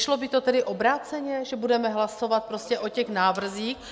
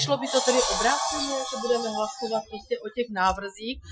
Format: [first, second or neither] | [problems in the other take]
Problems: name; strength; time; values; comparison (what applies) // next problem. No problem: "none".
first | noise reduction (classical method Wiener filter)